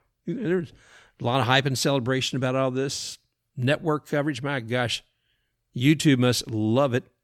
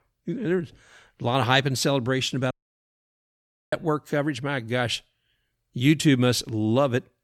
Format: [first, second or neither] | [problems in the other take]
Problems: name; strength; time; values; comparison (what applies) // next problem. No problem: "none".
first | audio cutting out; at 2.5 s for 1 s